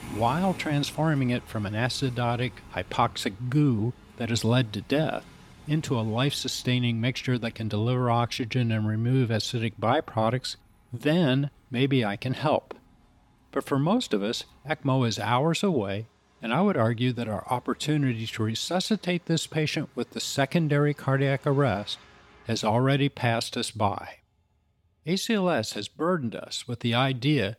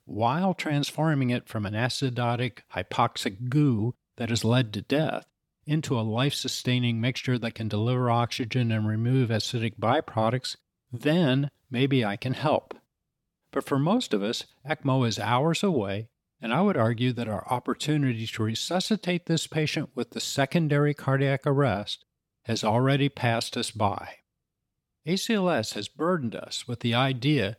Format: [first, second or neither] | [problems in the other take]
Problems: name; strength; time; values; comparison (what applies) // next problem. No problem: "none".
second | traffic noise; faint; throughout; 25 dB below the speech